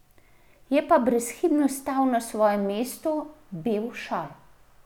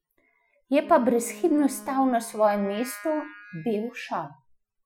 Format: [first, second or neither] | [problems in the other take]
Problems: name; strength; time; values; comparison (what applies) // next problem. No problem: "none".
first | noise reduction (classical method Wiener filter)